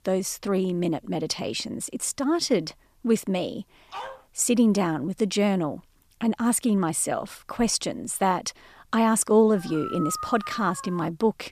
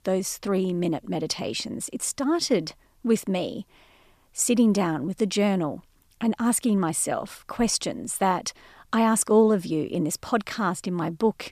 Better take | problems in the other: second | dog barking; faint; at 4 s; peak 15 dB below the speech // dog barking; noticeable; from 9.5 s on; peak 8 dB below the speech

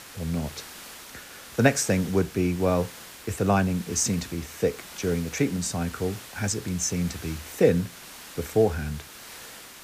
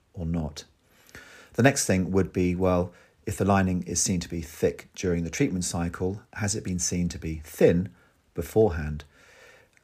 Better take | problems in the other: second | hiss; noticeable; throughout; 15 dB below the speech

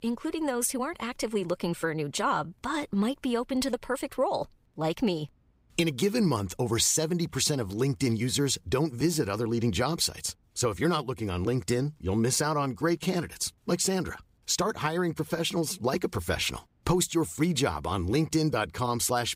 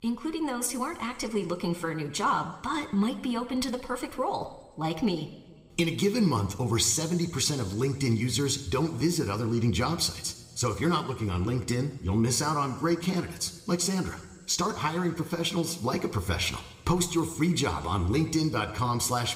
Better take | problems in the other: first | room echo; very slight; dies away in 1.5 s

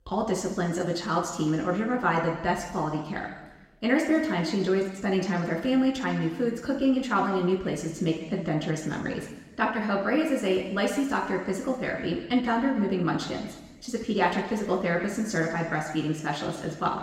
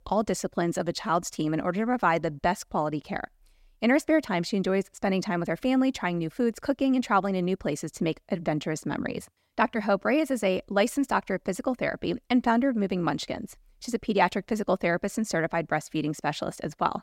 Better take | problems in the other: second | room echo; noticeable; dies away in 1.3 s // off-mic speech; somewhat distant

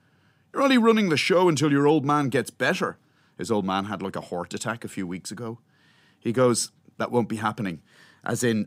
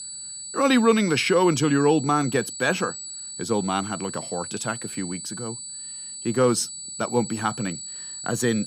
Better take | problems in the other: first | high-pitched whine; loud; throughout; 8 kHz, 9 dB below the speech

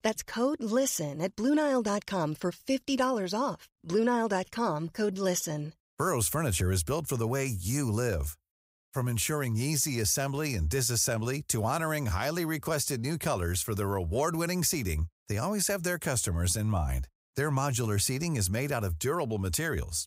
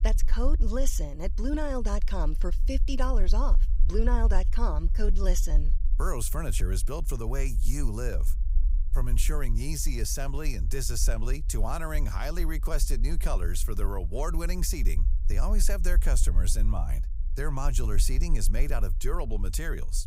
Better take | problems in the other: first | low rumble; noticeable; throughout; 20 dB below the speech

